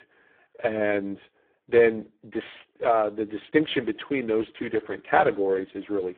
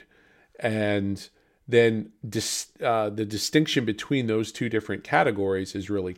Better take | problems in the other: second | phone-call audio; poor line

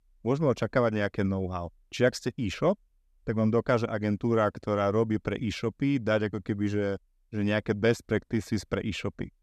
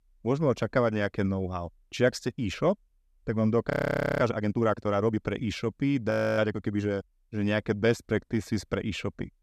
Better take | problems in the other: first | audio freezing; at 3.5 s for 0.5 s and at 6 s

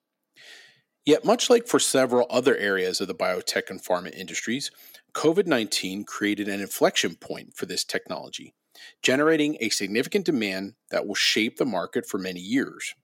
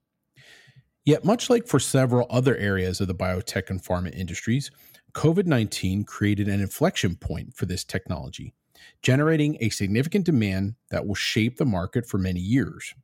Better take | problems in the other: second | thin; somewhat; fading below 300 Hz

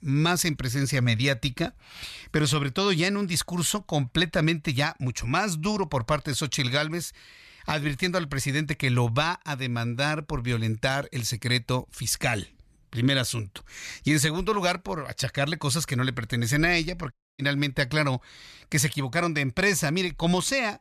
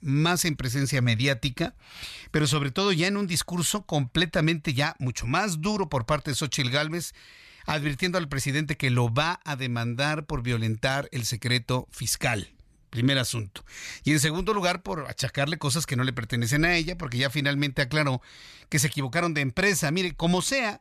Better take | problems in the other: second | audio cutting out; at 17 s

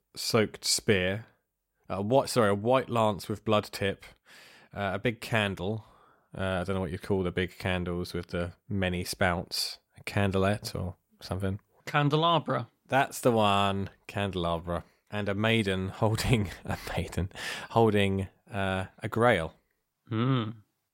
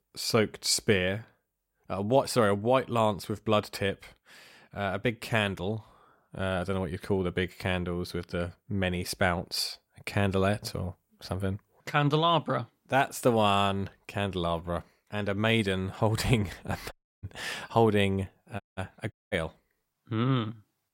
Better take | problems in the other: first | audio cutting out; at 17 s and at 19 s

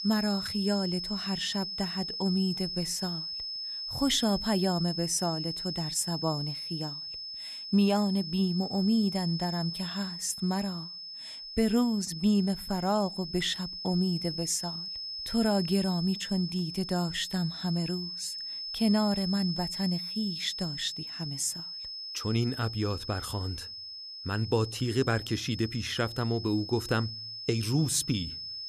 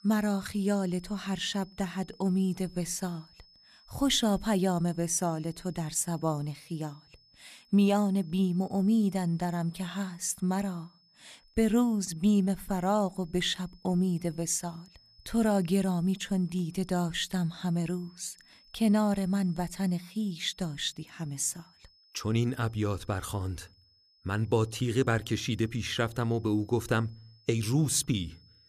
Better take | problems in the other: second | high-pitched whine; loud; throughout; 5 kHz, 6 dB below the speech; faint in the second

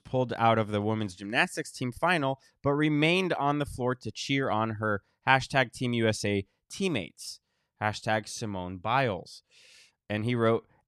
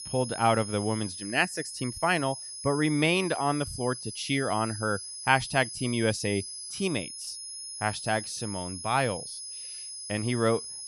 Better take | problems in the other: first | high-pitched whine; loud; throughout; 10 kHz, 8 dB below the speech

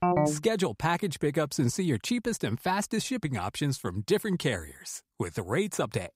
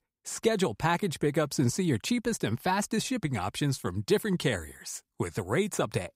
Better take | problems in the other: second | phone ringing; loud; at the start; peak 4 dB above the speech

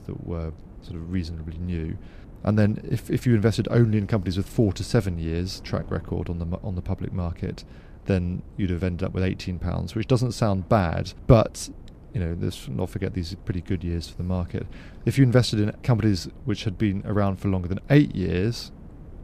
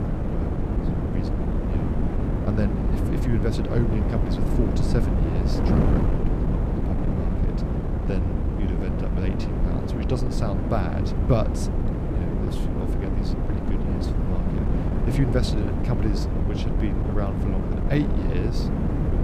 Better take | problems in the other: first | wind noise on the microphone; heavy; 2 dB above the speech; occasional gusts in the first

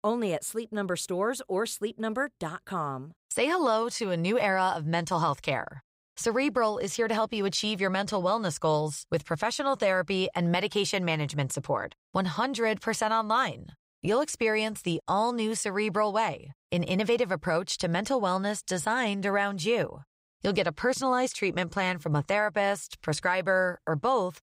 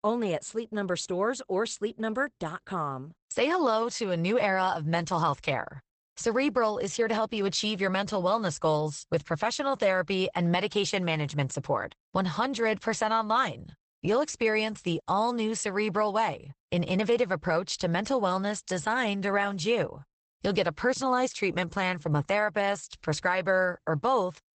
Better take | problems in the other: first | garbled, watery; badly; nothing above 8 kHz

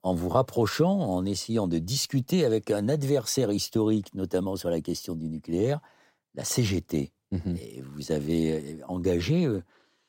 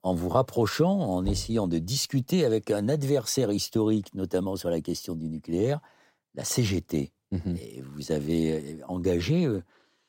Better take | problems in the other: first | door banging; noticeable; at 1.5 s; peak 8 dB below the speech

